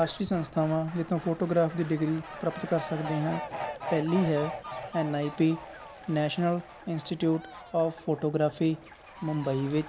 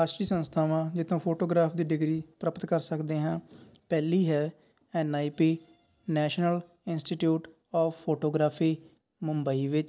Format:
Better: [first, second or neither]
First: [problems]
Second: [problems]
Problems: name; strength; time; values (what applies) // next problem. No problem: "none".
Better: second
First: background sound (Fowl); 12 dB below the speech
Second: none